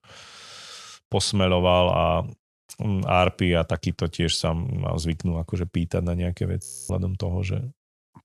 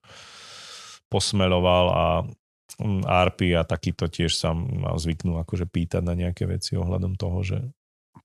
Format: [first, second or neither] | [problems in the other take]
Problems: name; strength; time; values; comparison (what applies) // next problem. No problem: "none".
second | audio freezing; at 6.5 s